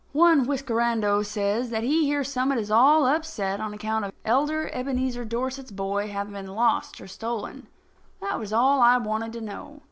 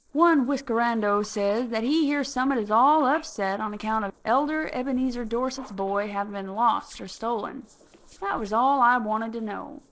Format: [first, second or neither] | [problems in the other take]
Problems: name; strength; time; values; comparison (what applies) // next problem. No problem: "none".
first | noise reduction (neural separator model SepFormer DNS4)